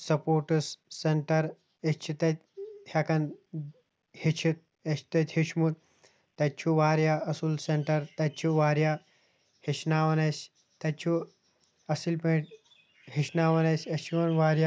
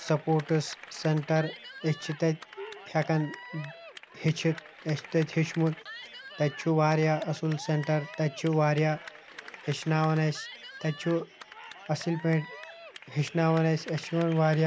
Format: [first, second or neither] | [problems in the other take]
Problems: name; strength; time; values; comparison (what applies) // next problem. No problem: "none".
first | background sound (Cheering / Clapping); 17 dB below the speech